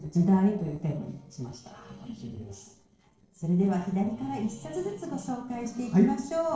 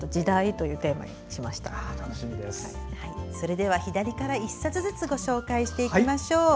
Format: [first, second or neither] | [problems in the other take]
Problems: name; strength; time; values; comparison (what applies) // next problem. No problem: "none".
second | noise reduction (neural separator model SepFormer DNS4)